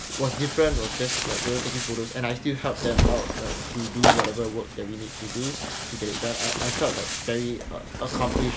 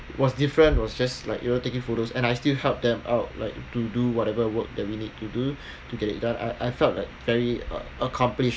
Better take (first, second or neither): second